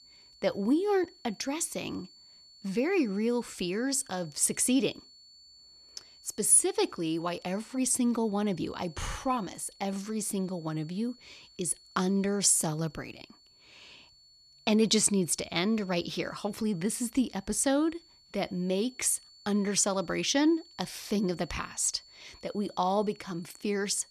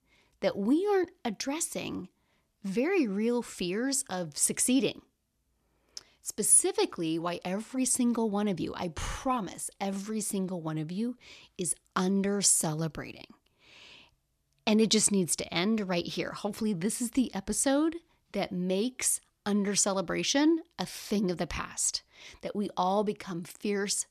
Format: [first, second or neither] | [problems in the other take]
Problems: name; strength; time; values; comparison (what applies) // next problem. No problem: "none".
second | high-pitched whine; faint; throughout; 4.5 kHz, 25 dB below the speech